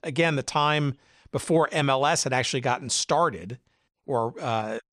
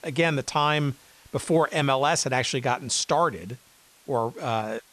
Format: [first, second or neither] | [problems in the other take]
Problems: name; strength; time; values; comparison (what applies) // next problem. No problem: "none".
first | hiss; faint; throughout; 30 dB below the speech